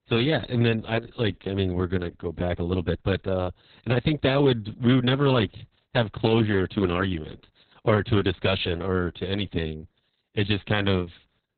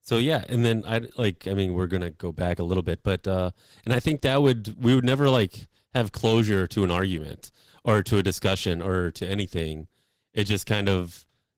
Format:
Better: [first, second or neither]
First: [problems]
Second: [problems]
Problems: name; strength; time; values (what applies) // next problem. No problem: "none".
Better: second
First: garbled, watery; badly; nothing above 4 kHz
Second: garbled, watery; slightly; nothing above 16 kHz